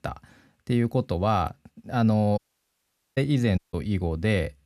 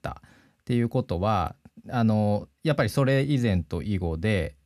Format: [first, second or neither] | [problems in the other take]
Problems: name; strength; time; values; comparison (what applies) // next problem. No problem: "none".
second | audio cutting out; at 2.5 s for 1 s and at 3.5 s